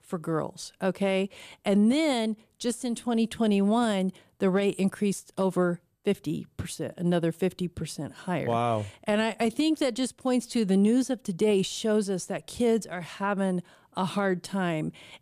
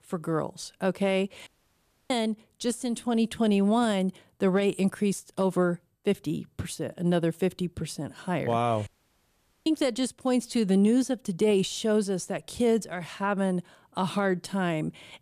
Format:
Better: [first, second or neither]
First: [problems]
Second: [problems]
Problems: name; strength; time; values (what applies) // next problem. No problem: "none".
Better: first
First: none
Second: audio cutting out; at 1.5 s for 0.5 s and at 9 s for 1 s